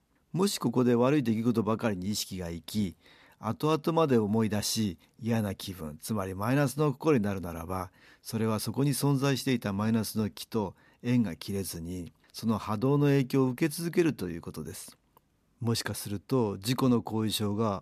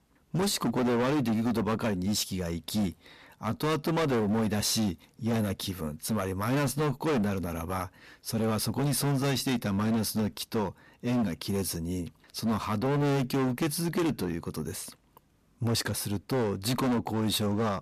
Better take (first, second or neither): first